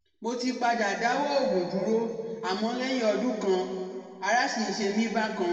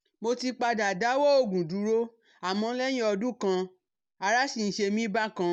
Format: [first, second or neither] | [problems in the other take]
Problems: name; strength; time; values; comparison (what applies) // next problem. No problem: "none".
second | room echo; dies away in 1.9 s